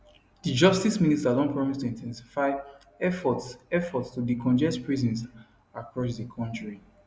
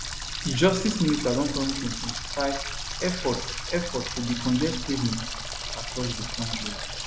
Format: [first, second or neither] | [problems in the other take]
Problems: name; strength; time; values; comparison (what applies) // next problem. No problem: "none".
first | background sound (Water tap, faucet); 5 dB below the speech